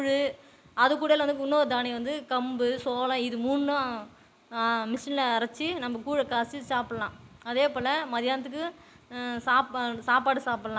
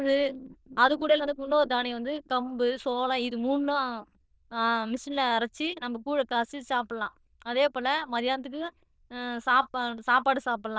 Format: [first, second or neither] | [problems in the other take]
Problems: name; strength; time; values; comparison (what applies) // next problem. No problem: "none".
first | noise reduction (neural diffusion model UNIVERSE++)